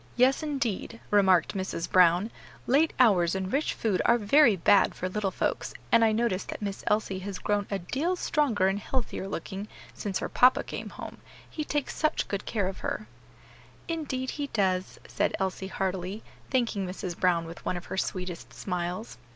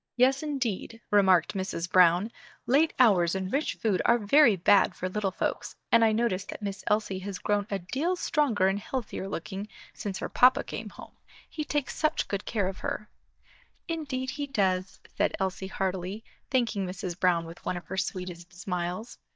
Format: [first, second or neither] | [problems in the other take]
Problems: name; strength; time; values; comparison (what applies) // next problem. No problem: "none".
first | noise reduction (neural mask model DeepFilterNet 3)